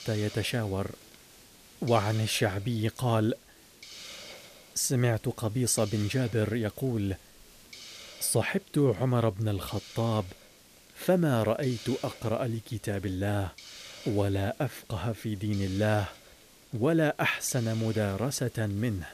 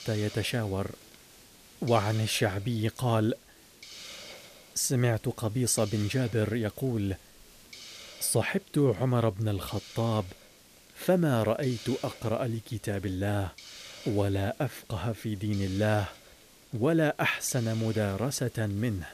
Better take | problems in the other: neither | hiss; noticeable; throughout; 20 dB below the speech; the same in both

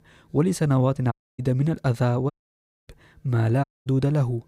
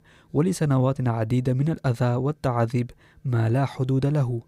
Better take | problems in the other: second | audio cutting out; at 1 s, at 2.5 s for 0.5 s and at 3.5 s

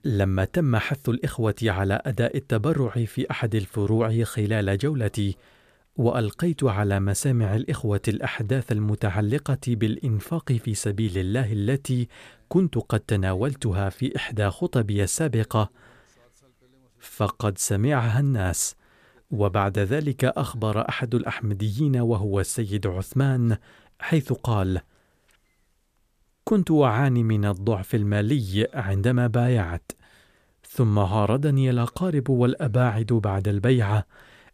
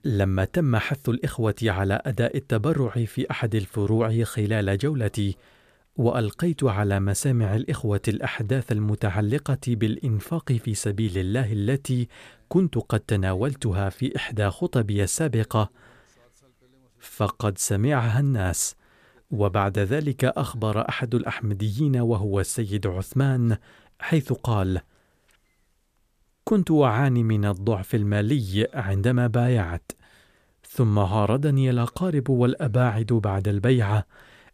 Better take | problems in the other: neither | none

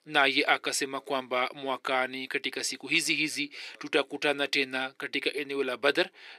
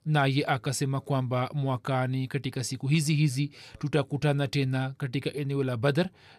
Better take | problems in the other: second | thin; somewhat; fading below 350 Hz

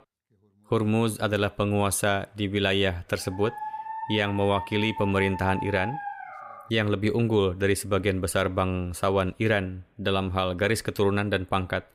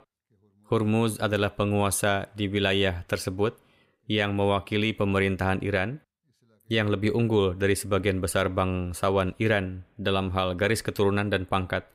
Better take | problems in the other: second | dog barking; noticeable; from 3.5 to 6.5 s; peak 8 dB below the speech

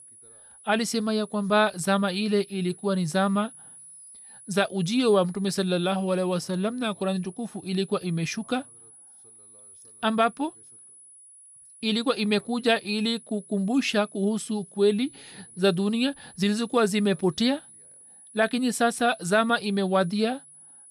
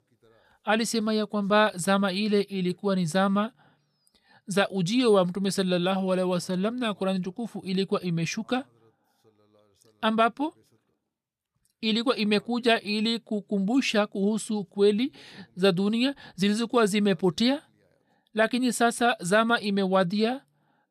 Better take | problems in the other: second | high-pitched whine; faint; throughout; 10 kHz, 20 dB below the speech

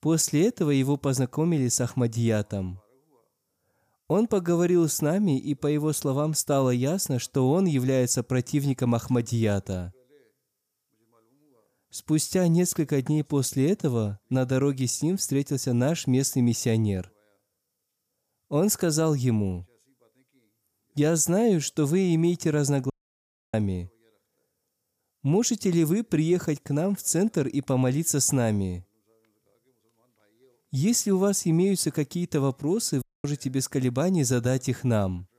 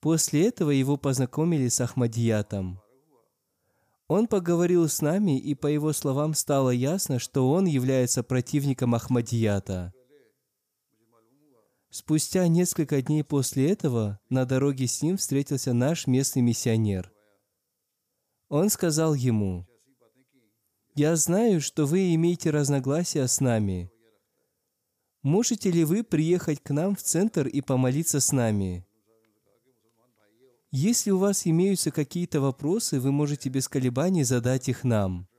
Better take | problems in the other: second | audio cutting out; at 23 s for 0.5 s and at 33 s

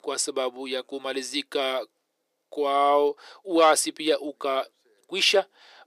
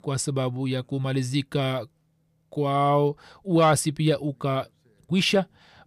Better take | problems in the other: second | thin; very; fading below 350 Hz

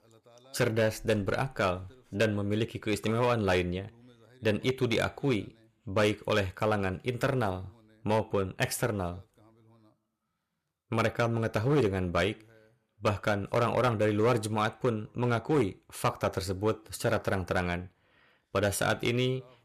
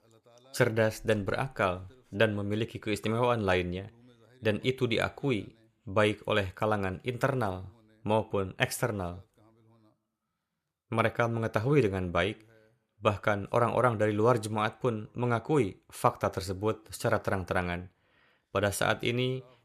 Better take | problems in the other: second | distortion; slight; 4% of the sound clipped

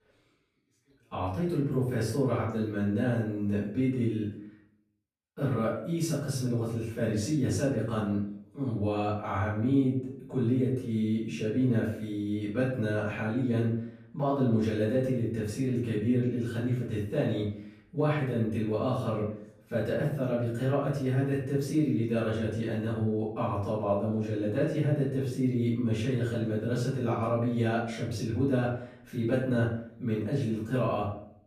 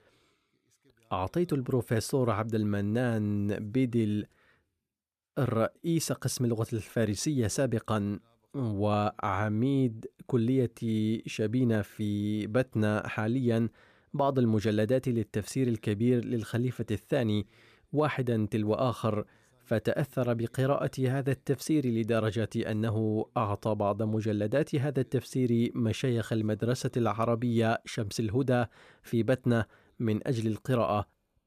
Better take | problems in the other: second | off-mic speech; far // room echo; noticeable; dies away in 0.5 s

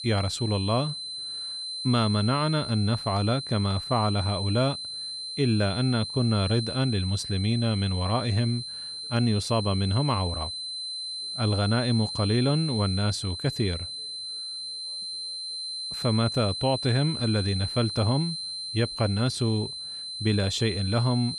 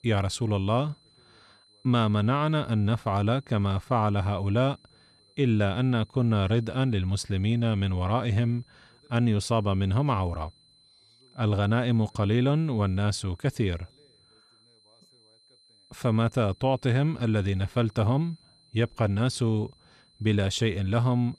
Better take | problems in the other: second | high-pitched whine; loud; throughout; 4 kHz, 6 dB below the speech; faint in the second

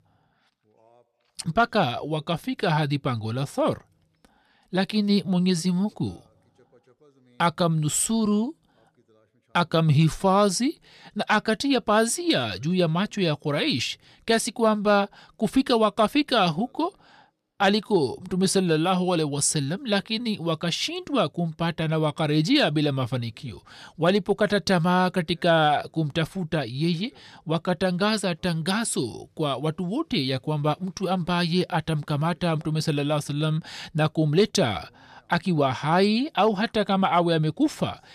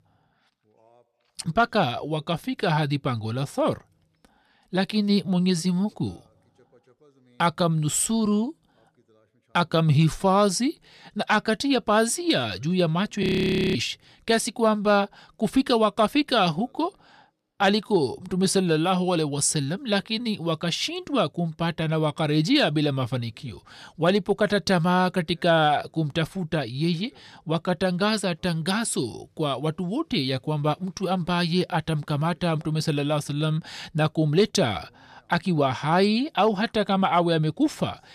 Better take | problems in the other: first | audio freezing; at 13 s for 0.5 s

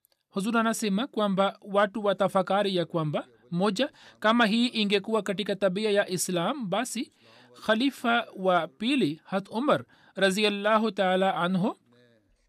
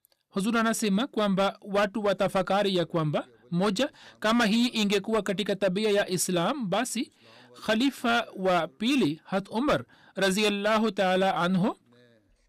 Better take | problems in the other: first | distortion; slight; 8% of the sound clipped

